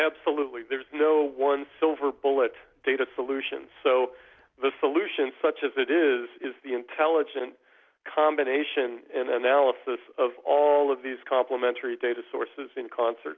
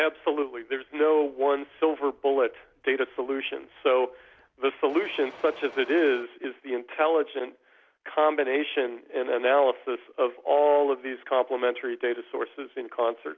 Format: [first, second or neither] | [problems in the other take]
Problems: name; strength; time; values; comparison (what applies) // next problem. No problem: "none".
first | background sound (Mechanisms); 19 dB below the speech